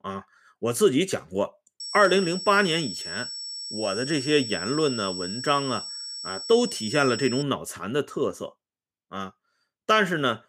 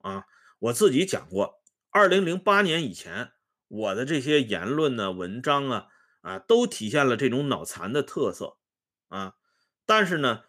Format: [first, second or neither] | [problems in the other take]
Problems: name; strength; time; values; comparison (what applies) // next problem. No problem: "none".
second | high-pitched whine; loud; from 2 to 7.5 s; 5.5 kHz, 8 dB below the speech